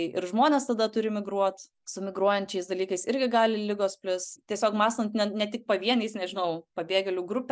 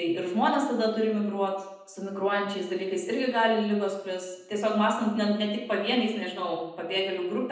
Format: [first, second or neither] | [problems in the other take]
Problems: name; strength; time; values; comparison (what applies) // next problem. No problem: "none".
first | room echo; dies away in 0.9 s